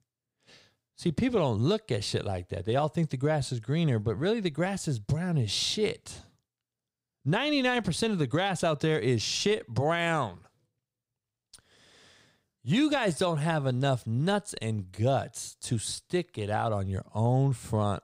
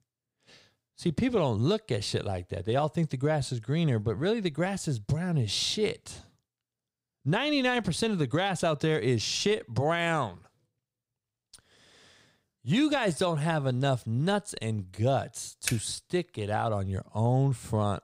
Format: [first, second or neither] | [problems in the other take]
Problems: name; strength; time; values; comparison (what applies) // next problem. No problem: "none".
first | keyboard typing; noticeable; at 16 s; peak 6 dB below the speech